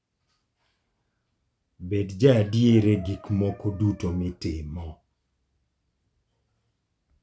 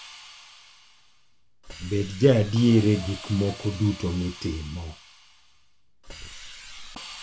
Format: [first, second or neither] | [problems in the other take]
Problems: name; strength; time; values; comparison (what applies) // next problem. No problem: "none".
first | background sound (Hiss); 16 dB below the speech